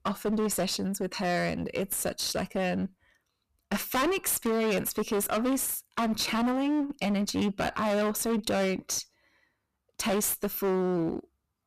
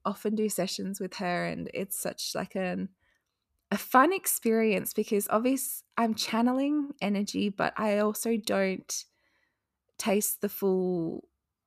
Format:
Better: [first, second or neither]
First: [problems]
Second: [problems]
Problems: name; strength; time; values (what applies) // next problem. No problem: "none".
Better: second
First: distortion; heavy; 20% of the sound clipped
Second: none